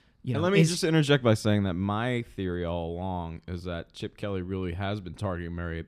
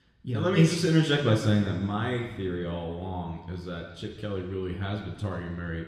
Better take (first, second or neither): first